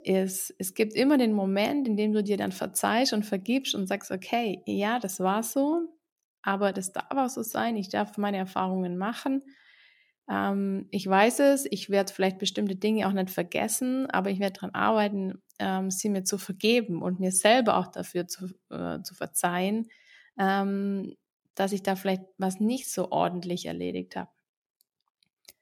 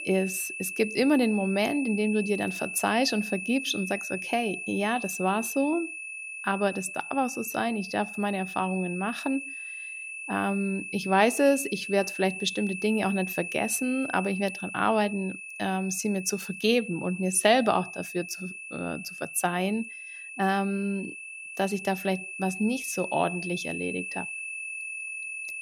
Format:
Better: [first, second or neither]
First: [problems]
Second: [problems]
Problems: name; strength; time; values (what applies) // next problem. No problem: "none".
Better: first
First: none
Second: high-pitched whine; loud; throughout; 2.5 kHz, 7 dB below the speech